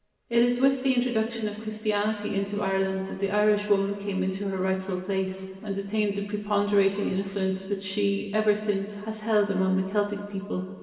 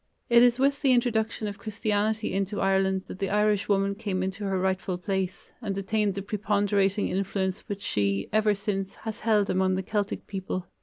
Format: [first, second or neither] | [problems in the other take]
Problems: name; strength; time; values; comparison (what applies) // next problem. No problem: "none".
second | room echo; dies away in 2.3 s